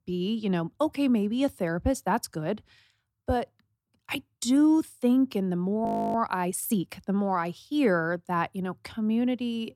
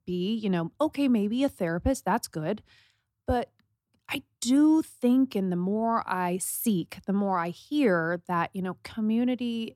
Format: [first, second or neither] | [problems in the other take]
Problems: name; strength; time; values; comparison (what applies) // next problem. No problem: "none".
second | audio freezing; at 6 s